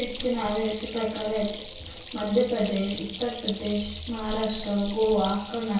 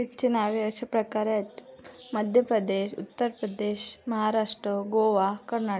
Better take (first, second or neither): second